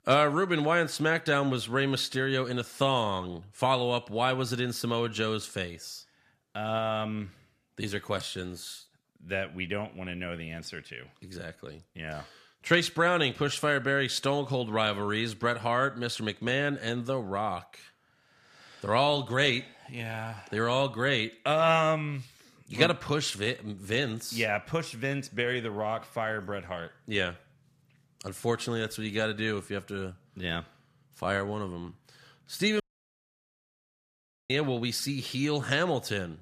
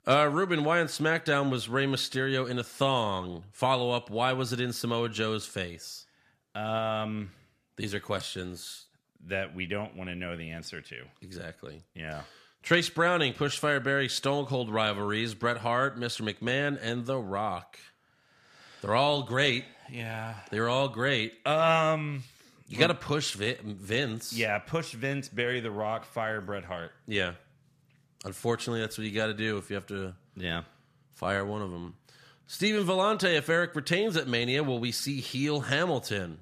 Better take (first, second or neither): second